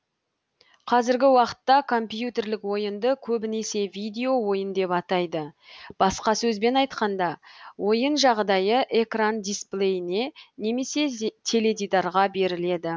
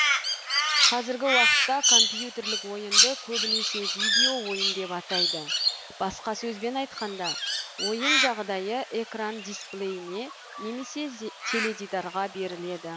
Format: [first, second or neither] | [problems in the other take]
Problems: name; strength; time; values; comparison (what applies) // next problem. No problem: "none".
first | background sound (Crow); 5 dB above the speech